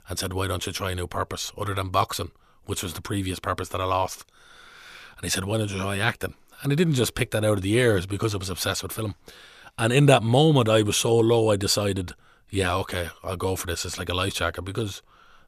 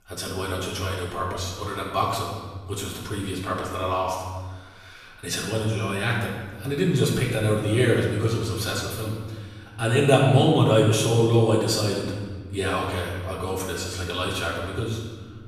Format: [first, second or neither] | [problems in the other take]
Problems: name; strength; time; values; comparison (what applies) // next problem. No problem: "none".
first | off-mic speech; far // room echo; noticeable; dies away in 1.3 s